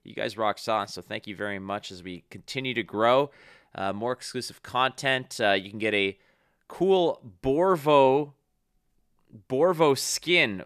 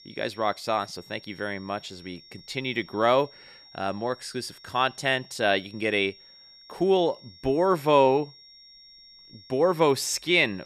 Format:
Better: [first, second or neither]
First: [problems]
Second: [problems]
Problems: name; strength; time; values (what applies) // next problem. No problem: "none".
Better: first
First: none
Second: high-pitched whine; faint; throughout; 5.5 kHz, 25 dB below the speech